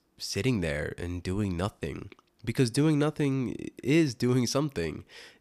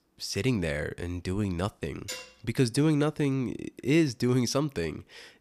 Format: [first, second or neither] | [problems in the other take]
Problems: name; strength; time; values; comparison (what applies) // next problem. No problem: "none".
first | clattering dishes; faint; at 2 s; peak 10 dB below the speech